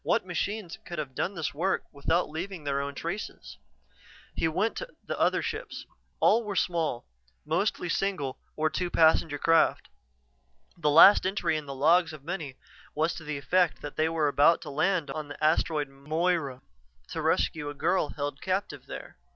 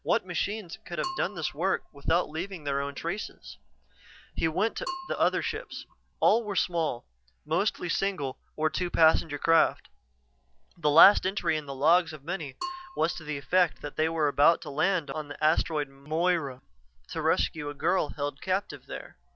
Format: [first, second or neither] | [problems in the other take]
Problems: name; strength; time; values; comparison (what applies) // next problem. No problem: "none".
first | background sound (Bell / Percussion); 17 dB below the speech